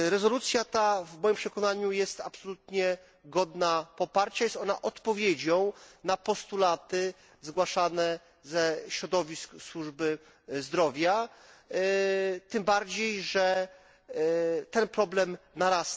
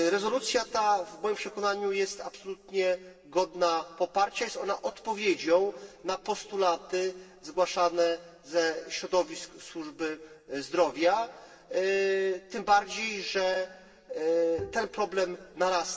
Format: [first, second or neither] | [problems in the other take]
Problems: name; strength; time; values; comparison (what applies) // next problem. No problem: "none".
first | background sound (Bowed string instrument); 14 dB below the speech // room echo; dies away in 2.9 s